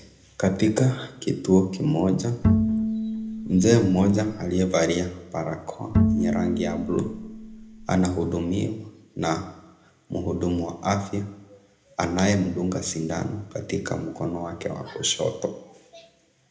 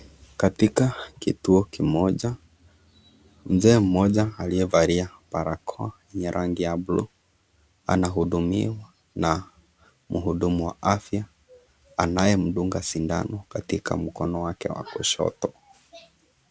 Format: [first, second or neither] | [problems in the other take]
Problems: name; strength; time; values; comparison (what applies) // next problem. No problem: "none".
second | background sound (Bowed string instrument); as loud as the speech // room echo; dies away in 0.7 s